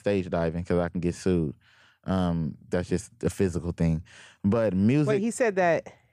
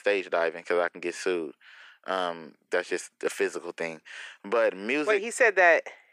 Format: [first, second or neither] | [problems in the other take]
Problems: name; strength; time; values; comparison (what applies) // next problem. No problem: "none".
first | thin; very; fading below 350 Hz